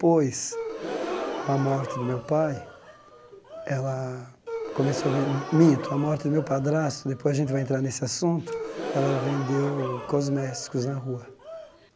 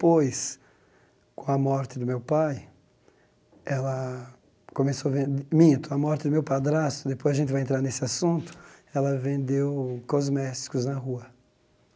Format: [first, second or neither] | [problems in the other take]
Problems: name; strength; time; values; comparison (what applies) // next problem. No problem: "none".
second | background sound (Gasp); 9 dB below the speech